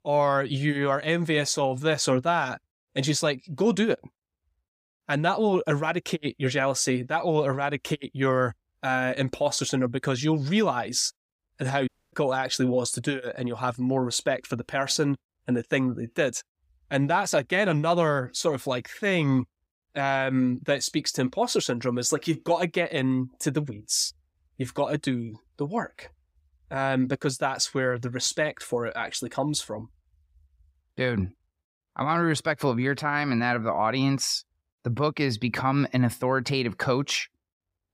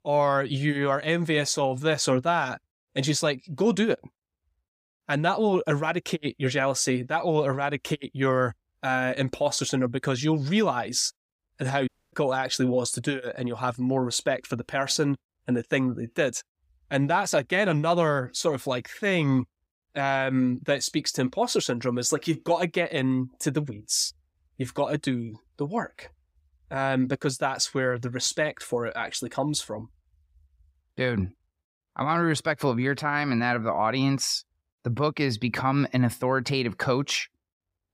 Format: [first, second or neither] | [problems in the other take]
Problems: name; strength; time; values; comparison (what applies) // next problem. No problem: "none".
neither | audio cutting out; at 12 s; the same in both